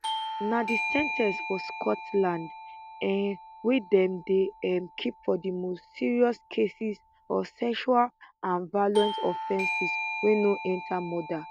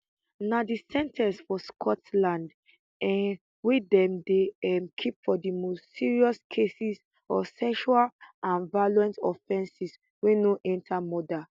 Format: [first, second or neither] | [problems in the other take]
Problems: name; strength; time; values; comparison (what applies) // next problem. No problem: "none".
second | background sound (Bell / Doorbell); 8 dB below the speech